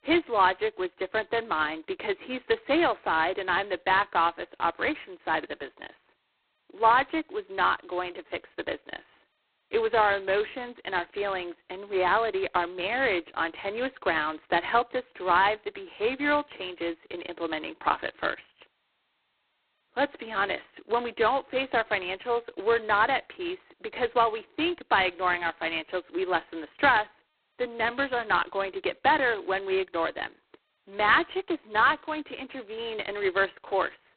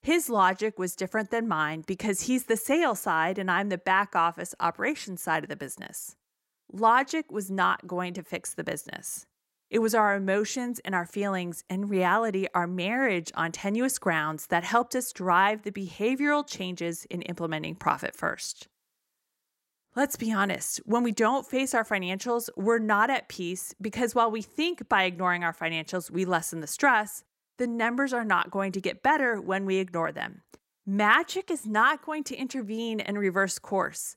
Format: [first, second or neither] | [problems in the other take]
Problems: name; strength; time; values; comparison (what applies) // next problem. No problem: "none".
second | phone-call audio; poor line; nothing above 4 kHz